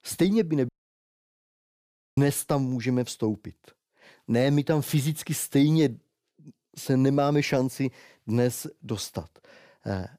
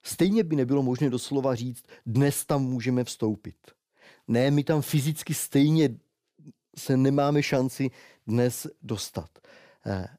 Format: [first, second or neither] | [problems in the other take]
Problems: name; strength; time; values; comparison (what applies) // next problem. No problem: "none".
second | audio cutting out; at 0.5 s for 1.5 s